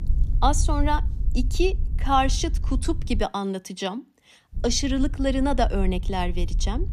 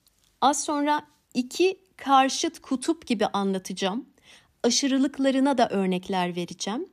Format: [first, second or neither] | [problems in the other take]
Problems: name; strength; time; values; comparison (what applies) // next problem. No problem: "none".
second | low rumble; faint; until 3 s and from 4.5 s on; 20 dB below the speech